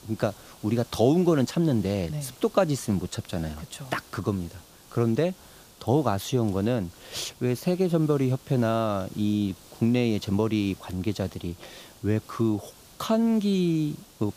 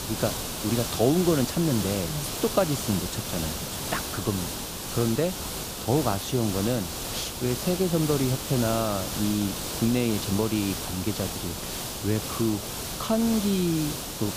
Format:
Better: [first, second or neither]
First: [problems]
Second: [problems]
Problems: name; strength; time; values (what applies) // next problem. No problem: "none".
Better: first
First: hiss; faint; throughout; 25 dB below the speech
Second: hiss; loud; throughout; 4 dB below the speech